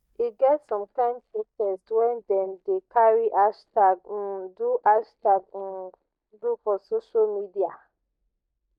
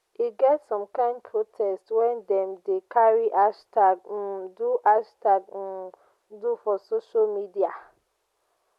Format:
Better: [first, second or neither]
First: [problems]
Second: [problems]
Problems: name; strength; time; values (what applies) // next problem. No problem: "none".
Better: second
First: noise reduction (neural mask model DeepFilterNet 3)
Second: none